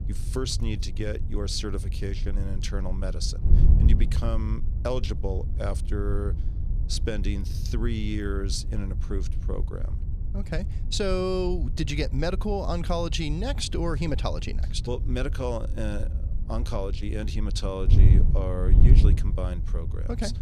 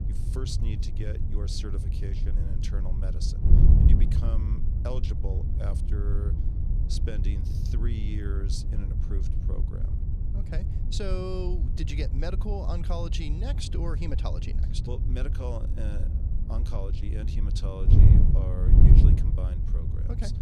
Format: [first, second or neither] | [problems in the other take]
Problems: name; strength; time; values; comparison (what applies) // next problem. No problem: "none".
first | wind noise on the microphone; heavy; 1 dB below the speech; occasional gusts in the first